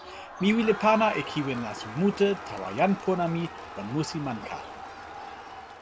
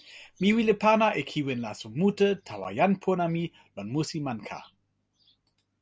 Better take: second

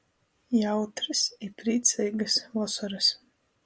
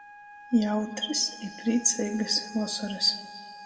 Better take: first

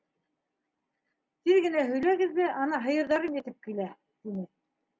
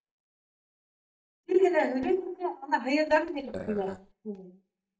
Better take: first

